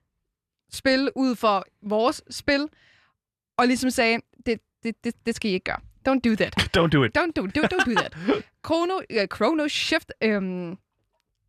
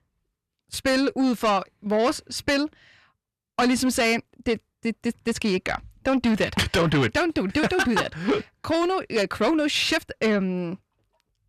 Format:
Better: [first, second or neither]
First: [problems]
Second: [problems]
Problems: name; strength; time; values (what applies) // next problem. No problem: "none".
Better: first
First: none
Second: distortion; slight; 10 dB below the speech